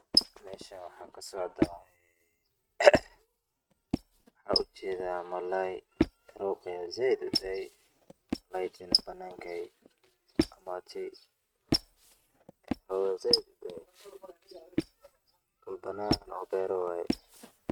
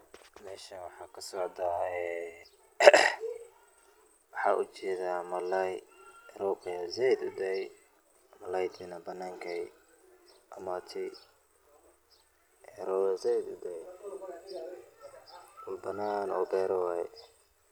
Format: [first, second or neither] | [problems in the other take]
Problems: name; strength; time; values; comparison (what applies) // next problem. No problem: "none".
second | noise reduction (neural mask model RNNoise)